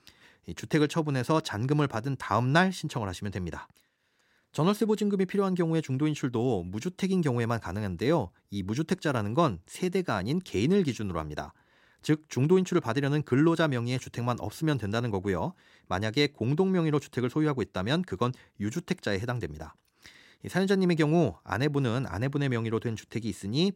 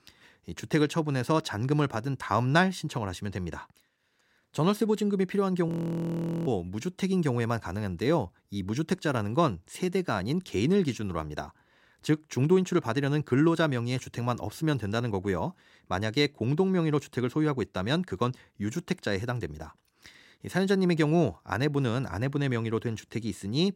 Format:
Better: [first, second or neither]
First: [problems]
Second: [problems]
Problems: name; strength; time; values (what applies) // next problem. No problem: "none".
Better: first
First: none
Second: audio freezing; at 5.5 s for 1 s